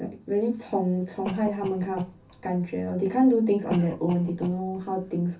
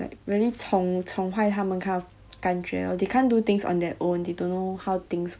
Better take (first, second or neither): second